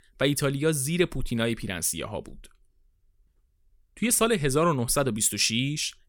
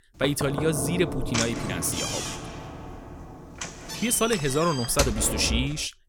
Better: first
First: none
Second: door banging; noticeable; peak level with the speech

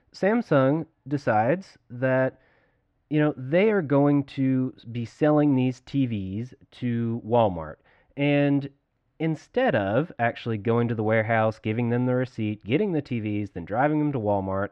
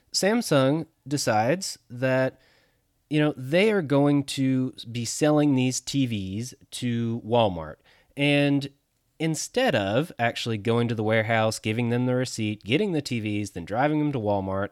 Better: second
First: muffled; very; fading above 1.5 kHz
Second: none

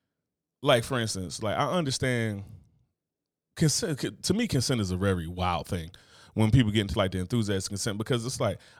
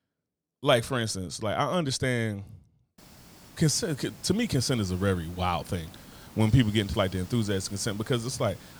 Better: first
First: none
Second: hiss; faint; from 3 s on; 20 dB below the speech

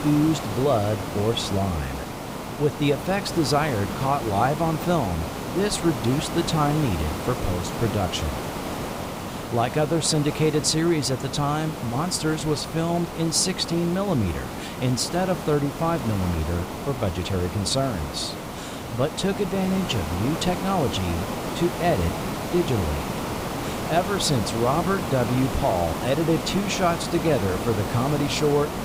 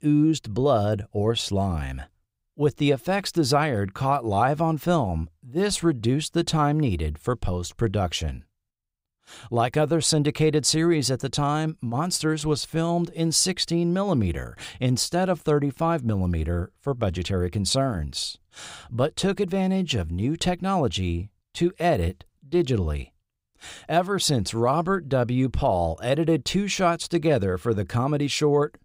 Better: second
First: hiss; loud; throughout; 6 dB below the speech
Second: none

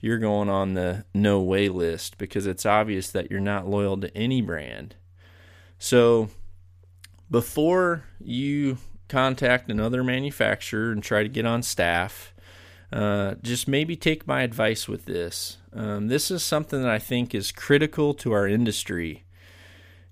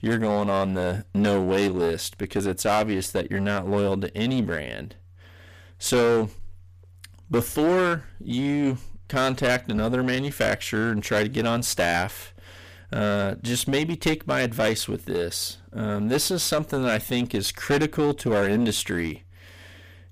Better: first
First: none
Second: distortion; heavy; 11% of the sound clipped

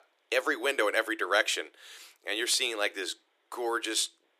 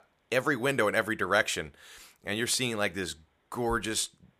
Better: second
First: thin; very; fading below 300 Hz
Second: none

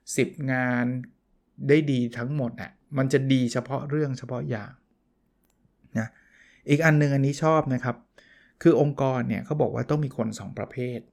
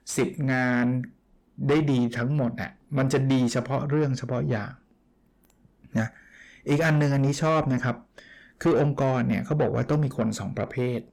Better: first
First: none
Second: distortion; heavy; 8 dB below the speech

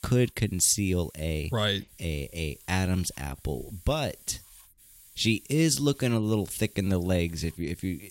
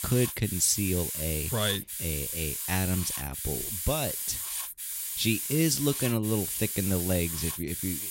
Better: first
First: hiss; faint; throughout; 25 dB below the speech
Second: hiss; loud; throughout; 2 dB below the speech

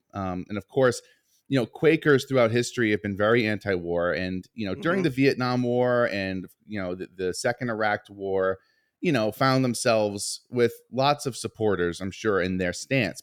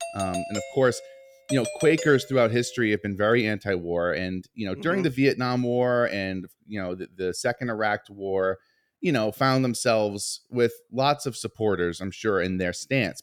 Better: first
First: none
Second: doorbell; noticeable; until 2.5 s; peak 6 dB below the speech

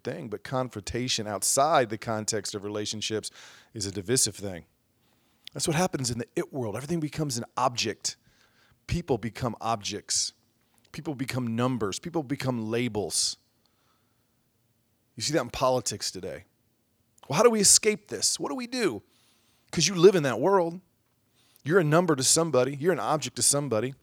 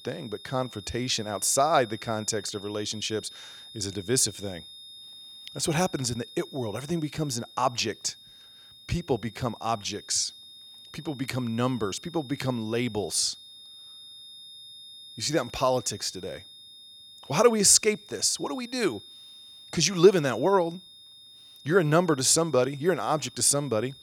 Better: first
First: none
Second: high-pitched whine; noticeable; throughout; 3.5 kHz, 20 dB below the speech

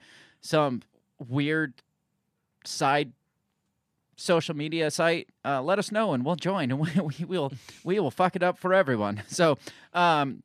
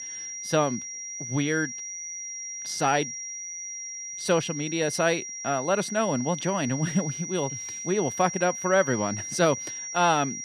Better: first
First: none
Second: high-pitched whine; loud; throughout; 6 kHz, 7 dB below the speech

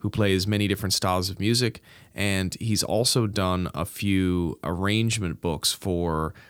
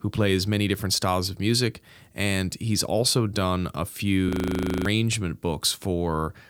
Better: first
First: none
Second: audio freezing; at 4.5 s for 0.5 s

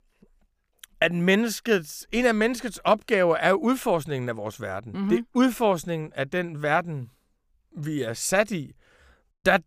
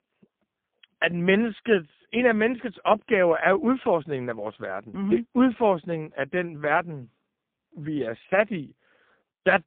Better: first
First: none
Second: phone-call audio; poor line; nothing above 3.5 kHz

